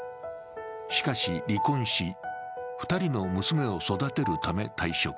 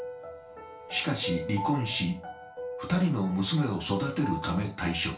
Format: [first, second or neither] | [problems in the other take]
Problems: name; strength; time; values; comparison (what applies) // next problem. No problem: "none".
first | room echo; dies away in 0.3 s